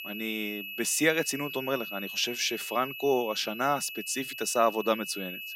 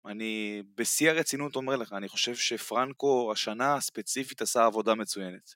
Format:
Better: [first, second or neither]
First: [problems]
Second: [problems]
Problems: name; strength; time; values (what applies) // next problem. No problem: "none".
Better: second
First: high-pitched whine; loud; throughout; 2.5 kHz, 8 dB below the speech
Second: none